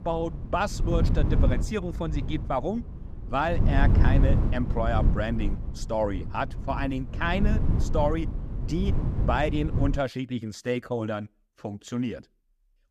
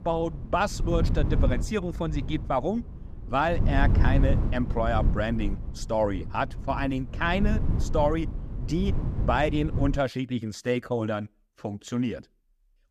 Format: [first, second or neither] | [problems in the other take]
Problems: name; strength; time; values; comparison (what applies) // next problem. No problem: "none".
second | wind noise on the microphone; heavy; until 10 s; 9 dB below the speech; occasional gusts in the second